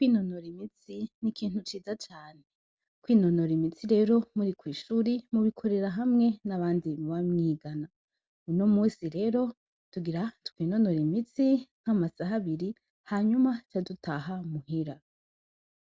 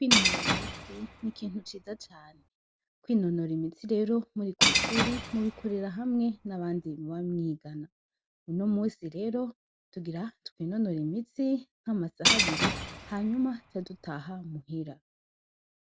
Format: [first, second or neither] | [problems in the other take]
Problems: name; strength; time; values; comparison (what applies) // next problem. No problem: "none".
first | background sound (Shatter / Crushing); 2 dB above the speech